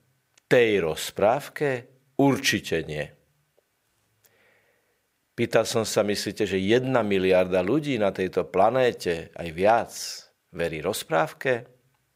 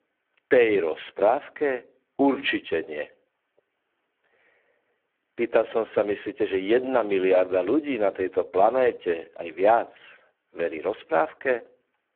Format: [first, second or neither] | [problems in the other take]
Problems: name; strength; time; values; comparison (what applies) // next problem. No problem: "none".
first | phone-call audio; poor line